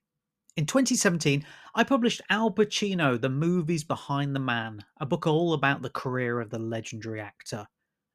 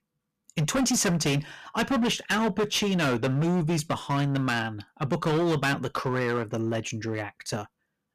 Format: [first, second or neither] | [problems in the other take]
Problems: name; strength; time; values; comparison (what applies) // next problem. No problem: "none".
first | distortion; heavy; 17% of the sound clipped